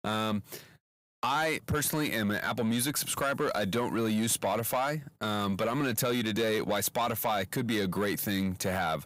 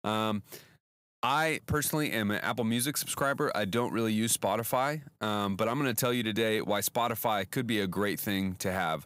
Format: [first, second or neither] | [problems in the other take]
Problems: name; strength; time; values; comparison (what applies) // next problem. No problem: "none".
second | distortion; slight; 10 dB below the speech